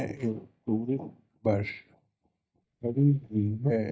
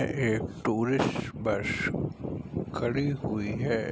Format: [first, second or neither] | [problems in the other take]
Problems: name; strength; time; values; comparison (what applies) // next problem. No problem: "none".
second | noise reduction (neural mask model DeepFilterNet 3)